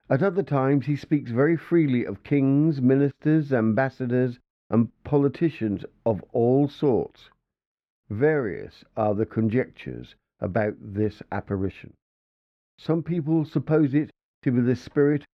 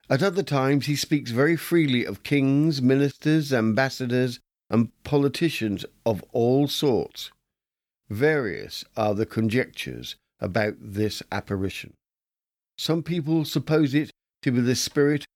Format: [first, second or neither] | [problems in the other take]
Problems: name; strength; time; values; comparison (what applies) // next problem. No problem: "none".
second | muffled; very; fading above 3.5 kHz